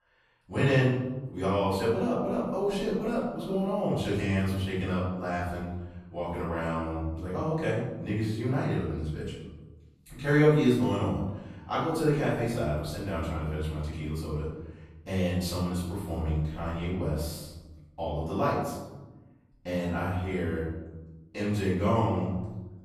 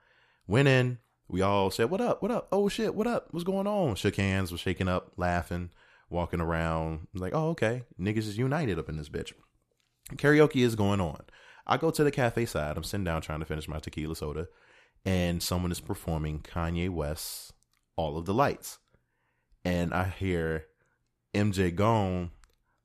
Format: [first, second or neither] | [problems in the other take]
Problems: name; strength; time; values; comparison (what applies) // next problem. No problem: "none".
second | off-mic speech; far // room echo; noticeable; dies away in 1.1 s